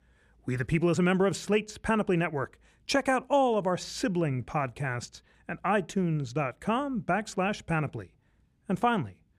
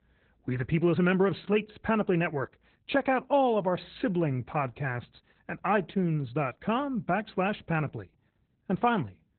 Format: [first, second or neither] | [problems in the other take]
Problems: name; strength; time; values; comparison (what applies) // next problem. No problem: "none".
first | garbled, watery; badly; nothing above 4 kHz